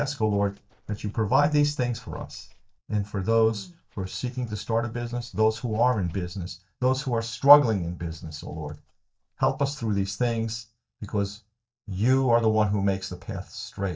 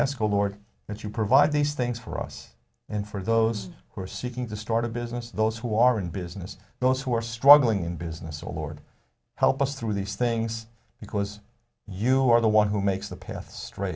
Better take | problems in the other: second | noise reduction (neural mask model DeepFilterNet 3)

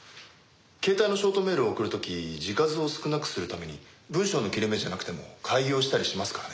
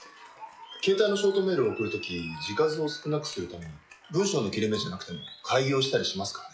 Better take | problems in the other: first | noise reduction (classical method log-MMSE)

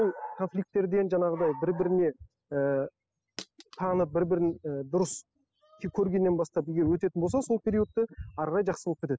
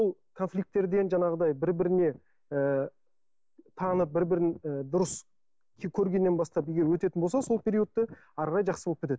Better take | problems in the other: second | noise reduction (classical method spectral subtraction)

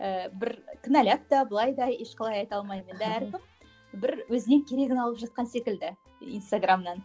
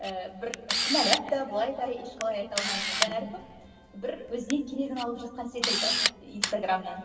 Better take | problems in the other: first | background sound (Camera); 1 dB below the speech // room echo; dies away in 2.3 s

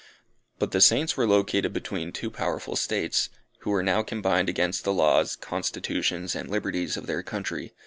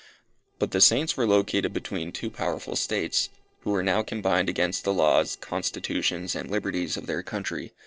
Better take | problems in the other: first | noise reduction (neural separator model SepFormer DNS4)

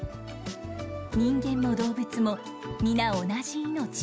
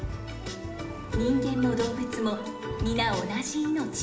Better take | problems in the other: first | background sound (Engine); 17 dB below the speech // room echo; dies away in 1.2 s

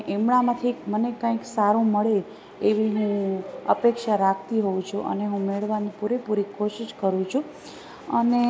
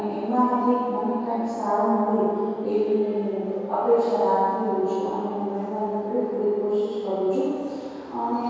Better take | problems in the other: first | room echo; dies away in 2.2 s

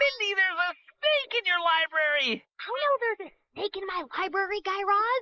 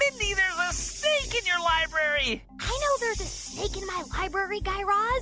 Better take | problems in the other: second | noise reduction (neural mask model Resemble Enhance denoiser)

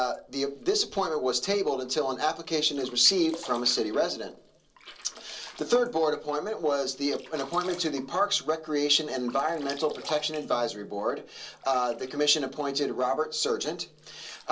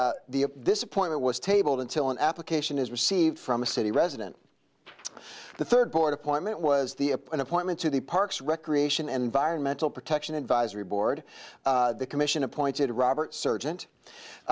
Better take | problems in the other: second | noise reduction (neural separator model SepFormer DNS4)

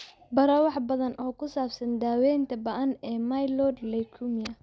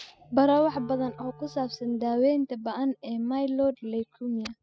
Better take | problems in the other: first | noise reduction (classical method spectral subtraction)

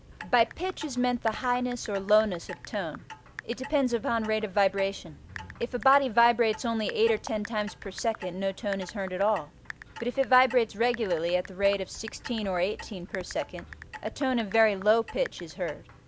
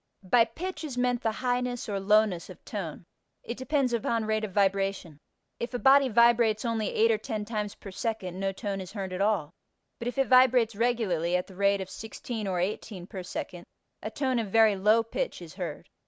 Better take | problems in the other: second | background sound (Typing + Clock); 17 dB below the speech

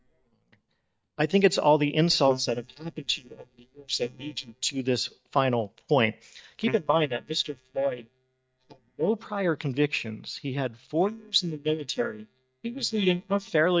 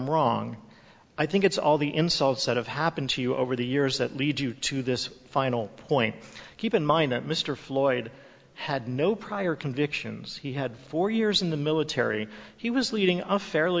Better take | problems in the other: second | noise reduction (neural mask model DeepFilterNet 3)

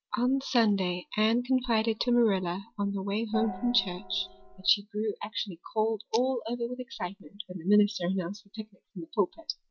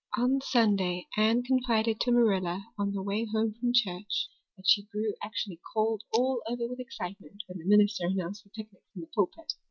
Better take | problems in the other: second | background sound (Gong); 11 dB below the speech

